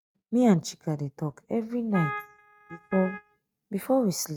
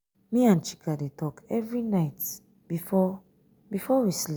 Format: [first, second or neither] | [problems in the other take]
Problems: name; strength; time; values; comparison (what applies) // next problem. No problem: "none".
second | noise reduction (neural mask model RNNoise)